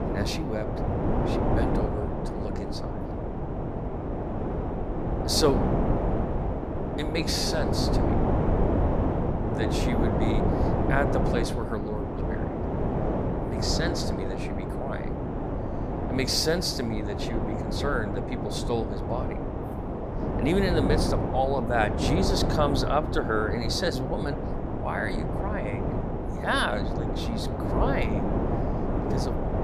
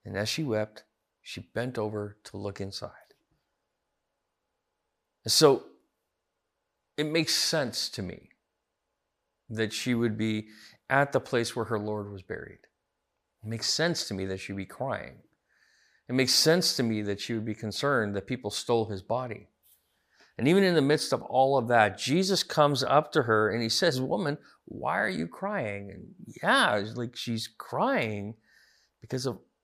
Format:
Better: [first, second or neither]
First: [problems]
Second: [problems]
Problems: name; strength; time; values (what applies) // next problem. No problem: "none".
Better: second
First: wind noise on the microphone; heavy; 2 dB below the speech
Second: none